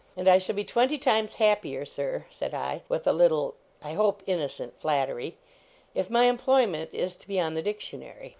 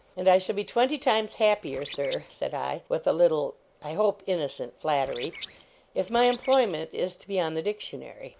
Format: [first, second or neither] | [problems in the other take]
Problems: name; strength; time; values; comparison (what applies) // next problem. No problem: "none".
first | background sound (Bird); 16 dB below the speech